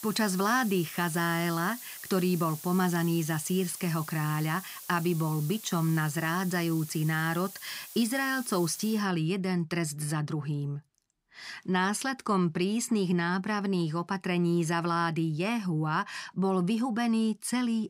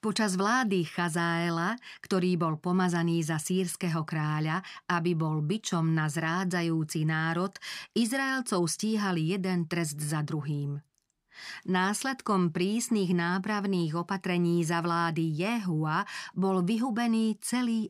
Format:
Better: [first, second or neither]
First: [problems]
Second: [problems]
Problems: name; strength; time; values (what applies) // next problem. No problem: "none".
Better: second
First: hiss; noticeable; until 9 s; 10 dB below the speech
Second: none